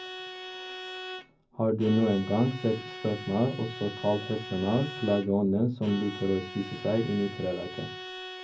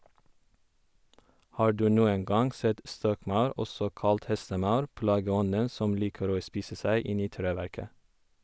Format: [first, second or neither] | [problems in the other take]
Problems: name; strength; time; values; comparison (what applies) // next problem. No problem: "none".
second | background sound (Bowed string instrument); 12 dB below the speech // room echo; dies away in 0.4 s